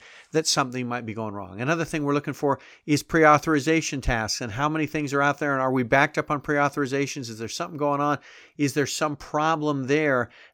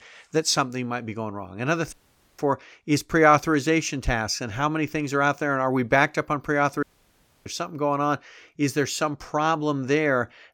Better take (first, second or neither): first